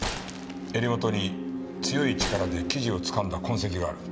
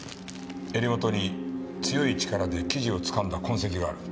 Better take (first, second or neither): second